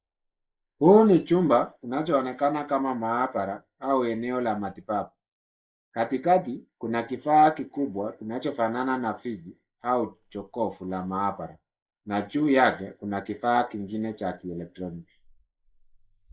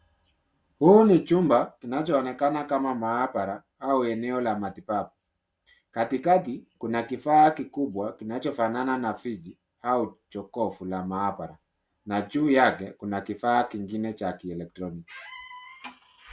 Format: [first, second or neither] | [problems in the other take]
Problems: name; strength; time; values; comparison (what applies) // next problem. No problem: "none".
second | noise reduction (neural mask model Resemble Enhance denoiser)